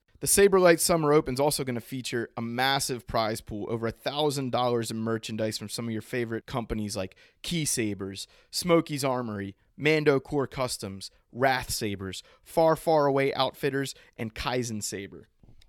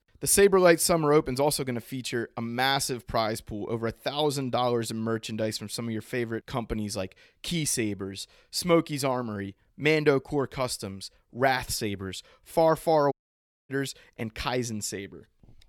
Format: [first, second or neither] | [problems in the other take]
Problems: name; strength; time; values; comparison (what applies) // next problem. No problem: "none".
first | audio cutting out; at 13 s for 0.5 s